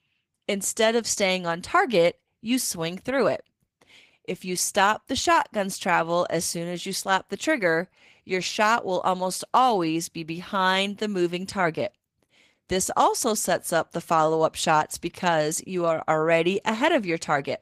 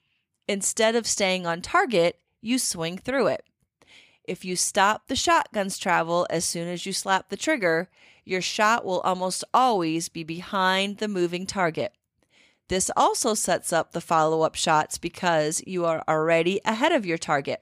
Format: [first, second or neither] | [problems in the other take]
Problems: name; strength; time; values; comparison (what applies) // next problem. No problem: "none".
second | garbled, watery; slightly